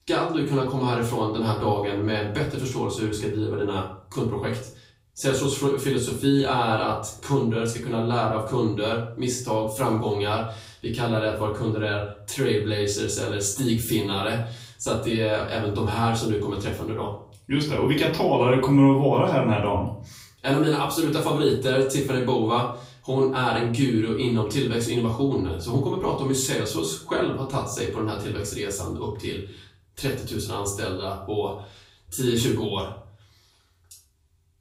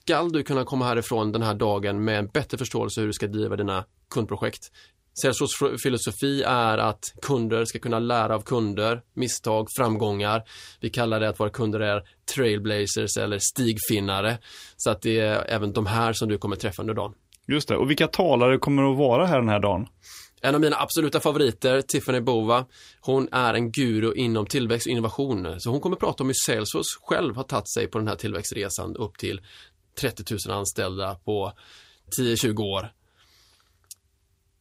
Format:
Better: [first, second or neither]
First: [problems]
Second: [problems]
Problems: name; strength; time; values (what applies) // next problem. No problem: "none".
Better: second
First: off-mic speech; far // room echo; slight; dies away in 0.4 s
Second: none